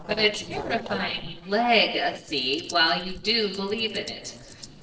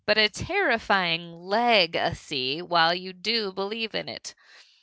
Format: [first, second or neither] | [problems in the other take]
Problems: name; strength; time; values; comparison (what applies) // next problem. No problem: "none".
second | noise reduction (neural separator model SepFormer DNS4)